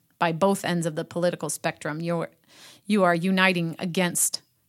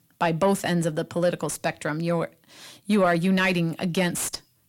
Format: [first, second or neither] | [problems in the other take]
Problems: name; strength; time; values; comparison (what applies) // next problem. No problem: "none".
first | distortion; slight; 10 dB below the speech